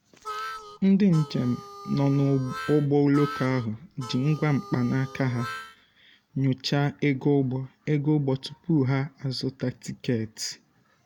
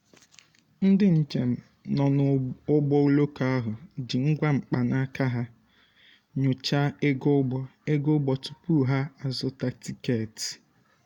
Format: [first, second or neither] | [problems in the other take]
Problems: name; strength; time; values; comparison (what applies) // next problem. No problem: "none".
second | background sound (Harmonica); 14 dB below the speech